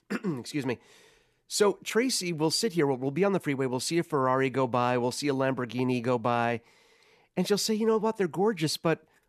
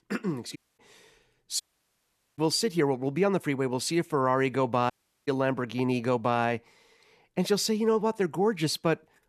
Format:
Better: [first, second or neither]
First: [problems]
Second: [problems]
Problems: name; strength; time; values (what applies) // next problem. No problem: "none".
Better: first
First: none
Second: audio cutting out; at 0.5 s, at 1.5 s for 1 s and at 5 s